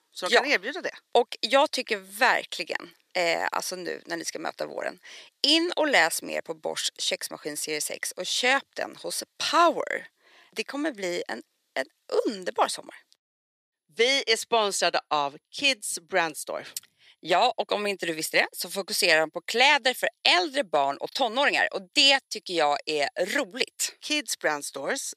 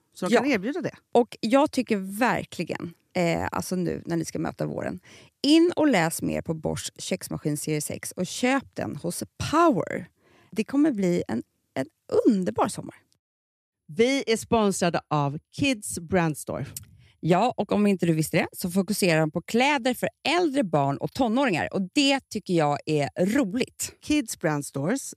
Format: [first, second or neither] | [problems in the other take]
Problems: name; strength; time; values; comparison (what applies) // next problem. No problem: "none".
second | thin; very; fading below 600 Hz